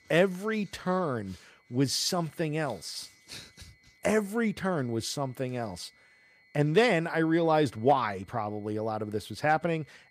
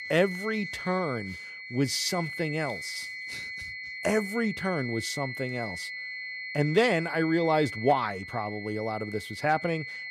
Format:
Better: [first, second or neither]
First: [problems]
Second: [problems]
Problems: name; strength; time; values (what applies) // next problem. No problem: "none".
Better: first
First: high-pitched whine; faint; throughout; 2 kHz, 30 dB below the speech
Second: high-pitched whine; loud; throughout; 2 kHz, 7 dB below the speech